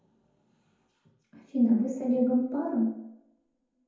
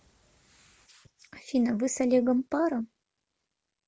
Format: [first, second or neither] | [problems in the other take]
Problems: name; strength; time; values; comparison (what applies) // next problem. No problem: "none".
second | room echo; dies away in 0.9 s